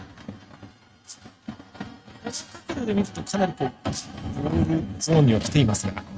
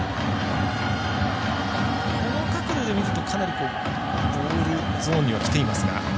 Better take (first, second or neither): second